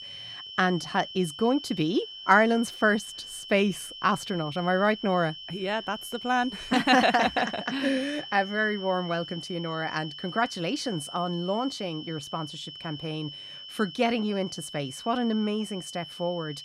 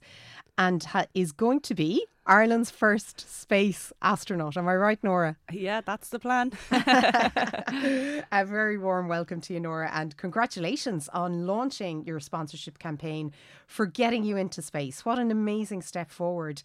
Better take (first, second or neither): second